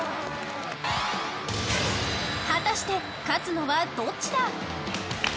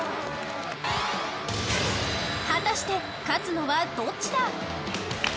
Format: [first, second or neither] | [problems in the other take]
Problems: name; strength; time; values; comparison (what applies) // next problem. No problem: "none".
first | background sound (Alarm); 14 dB below the speech